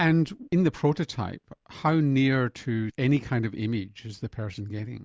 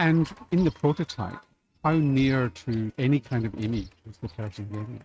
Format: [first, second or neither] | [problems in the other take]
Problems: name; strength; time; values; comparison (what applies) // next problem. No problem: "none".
first | noise reduction (neural mask model RNNoise)